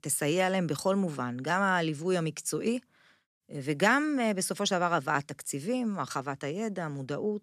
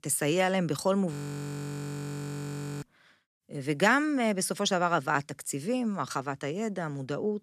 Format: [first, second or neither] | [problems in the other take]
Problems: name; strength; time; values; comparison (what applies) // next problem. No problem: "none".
first | audio freezing; at 1 s for 1.5 s